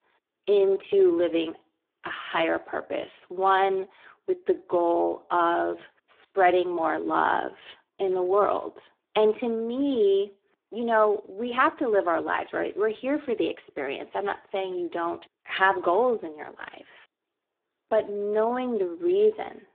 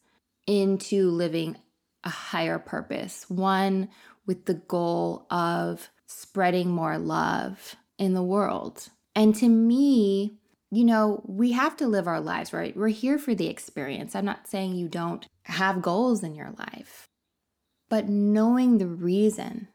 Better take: second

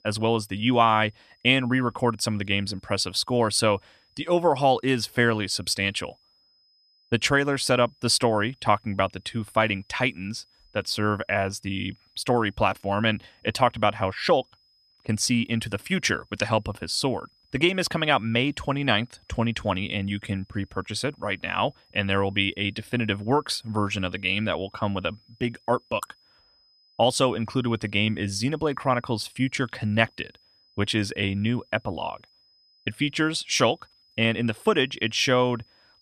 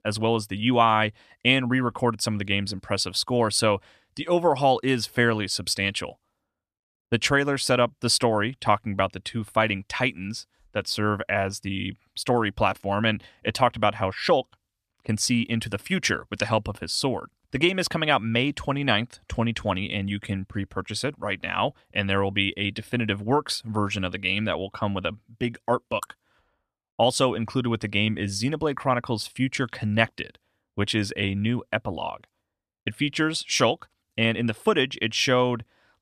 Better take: second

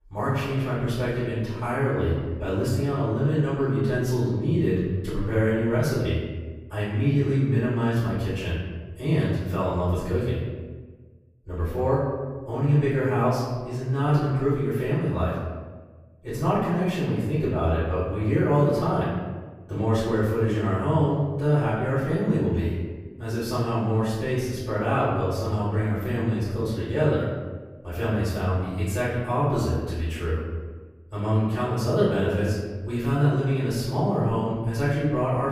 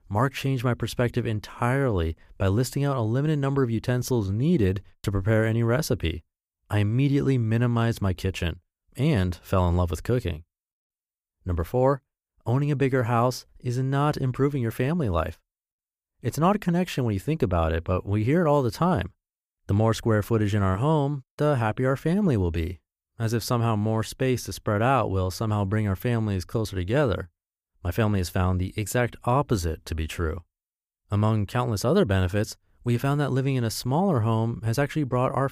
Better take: second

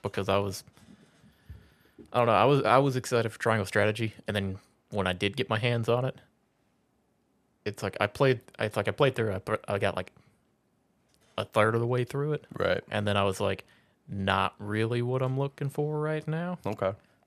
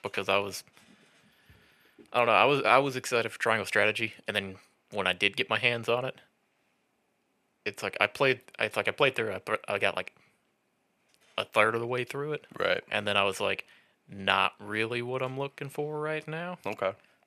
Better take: first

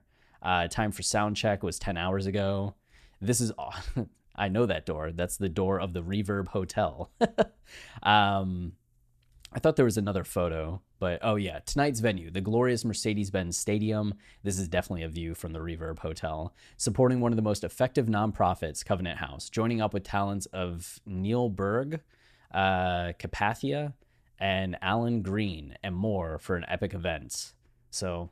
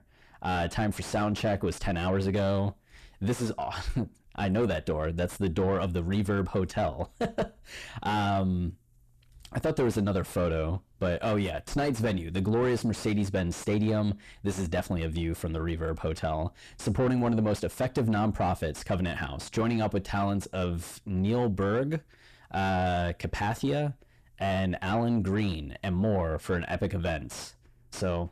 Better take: first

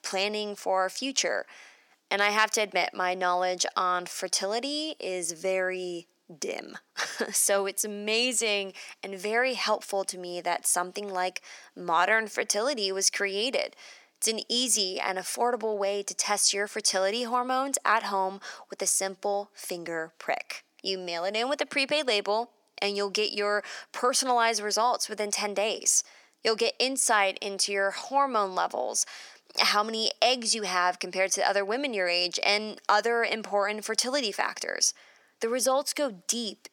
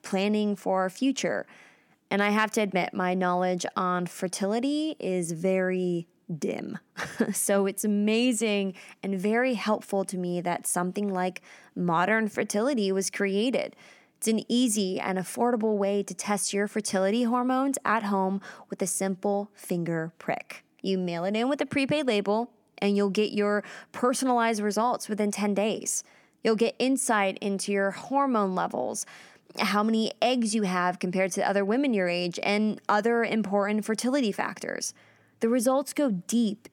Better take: second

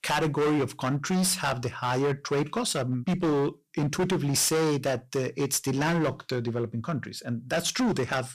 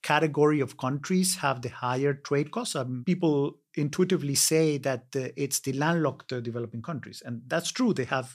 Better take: second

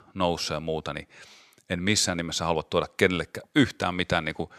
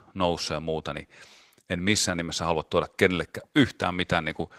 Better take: first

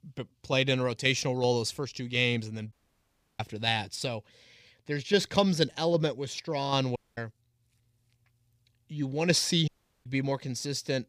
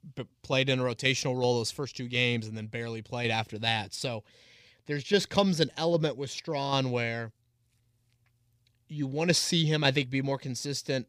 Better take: second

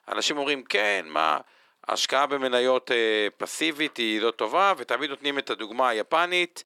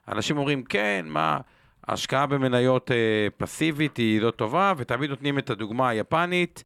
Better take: second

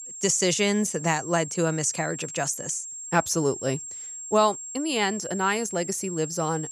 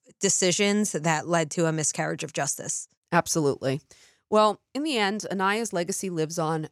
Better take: second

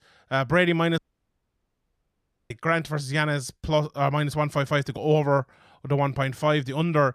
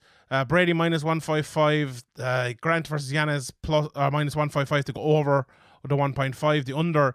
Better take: second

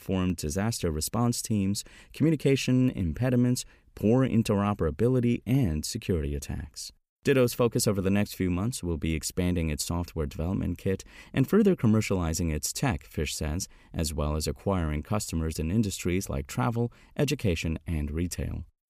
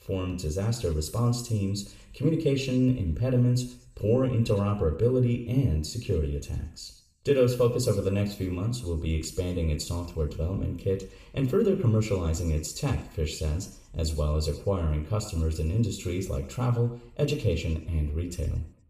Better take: first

